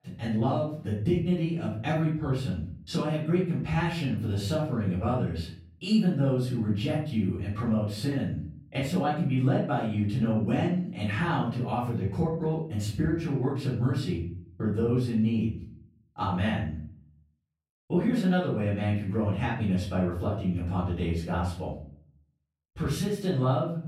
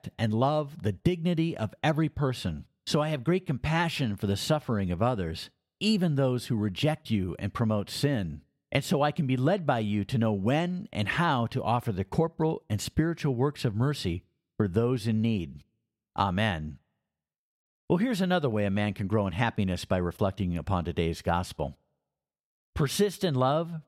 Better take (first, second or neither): second